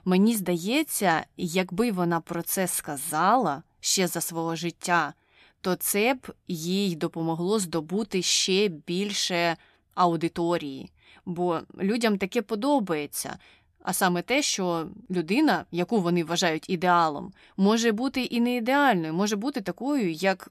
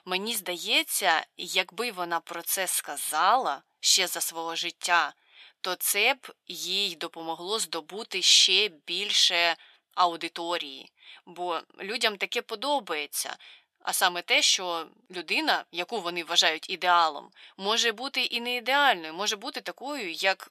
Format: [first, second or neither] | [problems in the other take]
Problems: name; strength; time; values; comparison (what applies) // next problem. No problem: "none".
first | thin; very; fading below 600 Hz